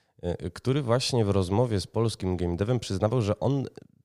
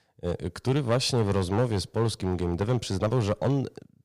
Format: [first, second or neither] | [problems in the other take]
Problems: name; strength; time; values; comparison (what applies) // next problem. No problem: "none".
first | distortion; slight; 5% of the sound clipped